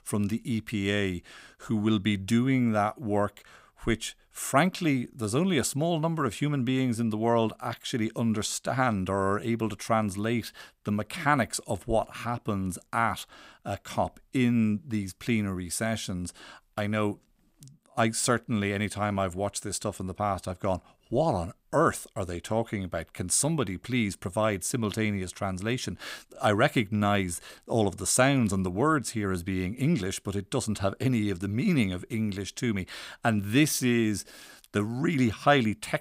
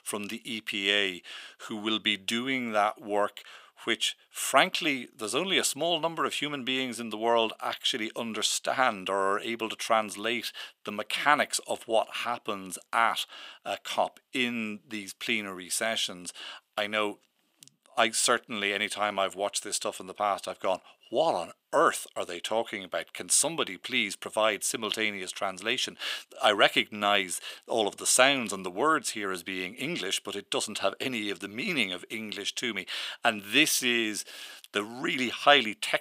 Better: first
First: none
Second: thin; somewhat; fading below 450 Hz

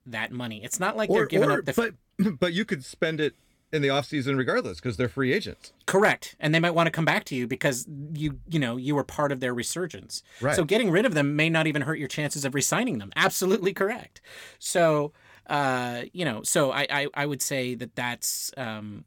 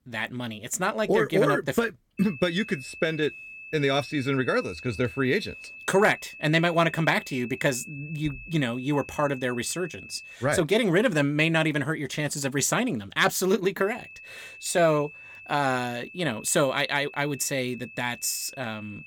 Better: first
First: none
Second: high-pitched whine; noticeable; from 2 to 10 s and from 14 s on; 2.5 kHz, 15 dB below the speech

